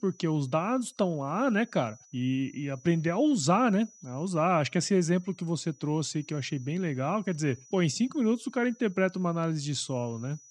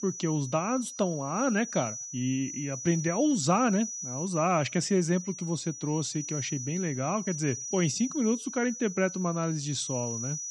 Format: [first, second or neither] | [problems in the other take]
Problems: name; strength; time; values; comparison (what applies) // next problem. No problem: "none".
first | high-pitched whine; loud; throughout; 6 kHz, 7 dB below the speech; faint in the first